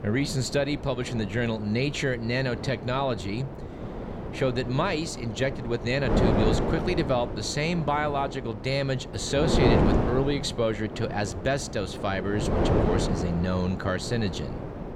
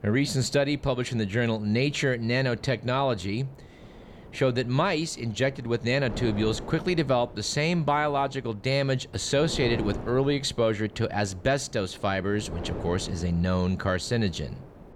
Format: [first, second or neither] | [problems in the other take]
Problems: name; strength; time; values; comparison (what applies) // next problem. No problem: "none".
second | wind noise on the microphone; heavy; 4 dB below the speech; occasional gusts in the second